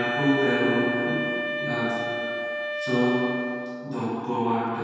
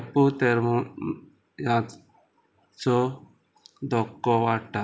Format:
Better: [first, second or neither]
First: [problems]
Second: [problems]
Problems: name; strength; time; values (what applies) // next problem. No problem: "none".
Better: second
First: background sound (Wind instrument, woodwind instrument); 4 dB below the speech // room echo; dies away in 2.1 s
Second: none